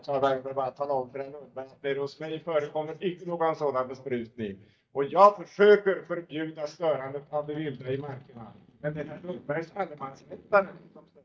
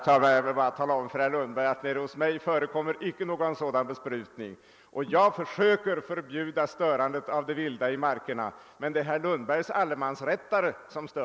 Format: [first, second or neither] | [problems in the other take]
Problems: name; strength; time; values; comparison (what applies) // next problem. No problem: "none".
second | noise reduction (neural mask model DeepFilterNet 3)